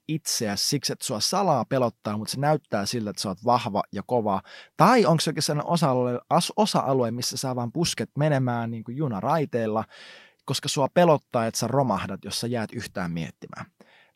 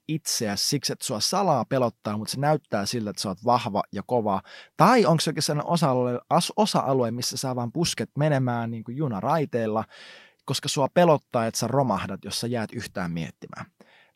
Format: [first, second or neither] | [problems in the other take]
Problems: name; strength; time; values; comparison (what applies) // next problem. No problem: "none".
neither | none